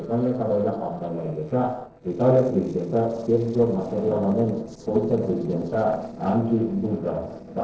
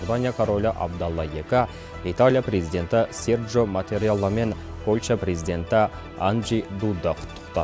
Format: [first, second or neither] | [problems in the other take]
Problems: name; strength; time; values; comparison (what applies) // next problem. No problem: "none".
second | noise reduction (neural separator model SepFormer DNS4)